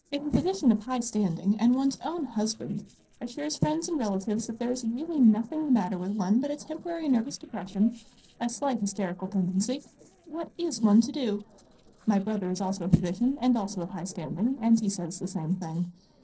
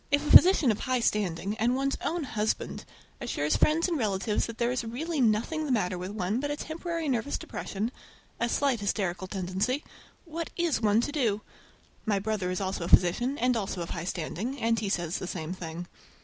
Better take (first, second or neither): second